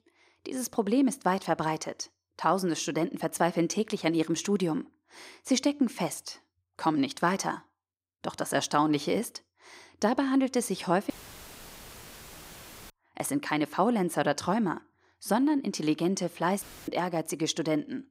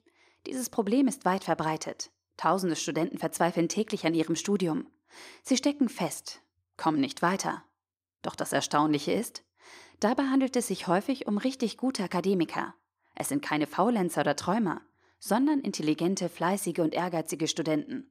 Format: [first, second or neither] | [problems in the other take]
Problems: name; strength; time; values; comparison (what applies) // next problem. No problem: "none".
second | audio cutting out; filled with static; at 11 s for 2 s and at 17 s